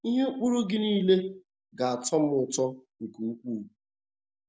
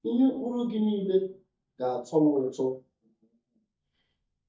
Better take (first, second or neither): first